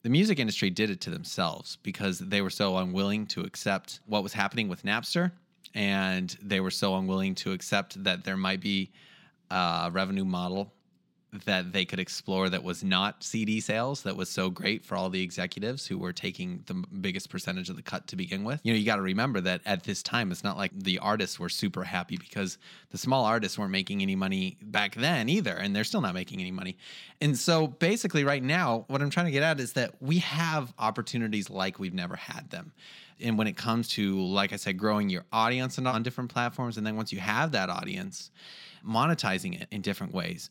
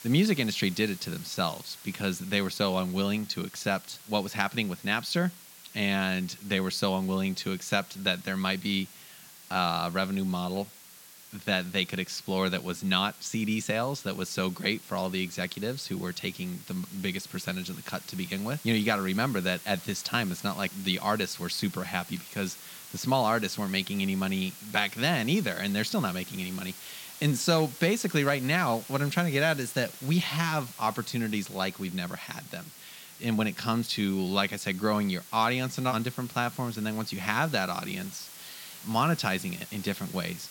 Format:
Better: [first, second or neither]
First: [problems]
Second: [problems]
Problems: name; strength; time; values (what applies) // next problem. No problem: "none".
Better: first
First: none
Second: hiss; noticeable; throughout; 15 dB below the speech